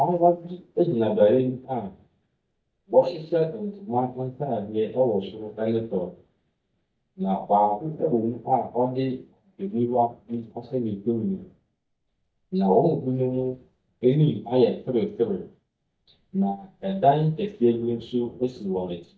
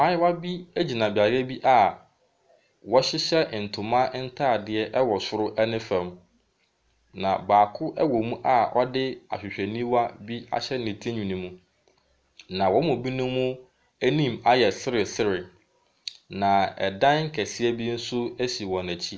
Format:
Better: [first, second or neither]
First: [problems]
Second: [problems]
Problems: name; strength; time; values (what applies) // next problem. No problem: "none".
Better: second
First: noise reduction (neural mask model DeepFilterNet 3)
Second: none